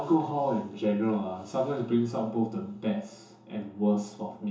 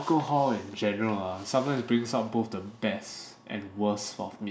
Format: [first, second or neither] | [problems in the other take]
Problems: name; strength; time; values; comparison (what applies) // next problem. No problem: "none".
second | room echo; dies away in 0.6 s